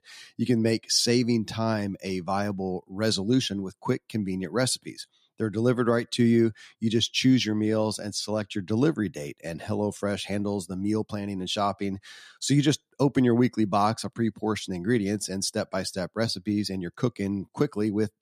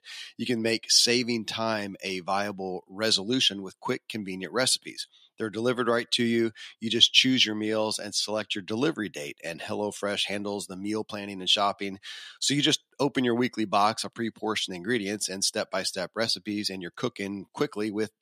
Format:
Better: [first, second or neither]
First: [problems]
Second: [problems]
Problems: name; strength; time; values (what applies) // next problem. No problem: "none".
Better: first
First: none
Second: thin; very slightly; fading below 500 Hz